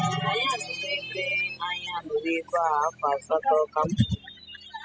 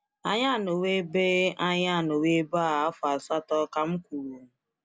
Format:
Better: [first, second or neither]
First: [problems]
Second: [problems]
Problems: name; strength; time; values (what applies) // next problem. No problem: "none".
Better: second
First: noise reduction (classical method spectral subtraction)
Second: none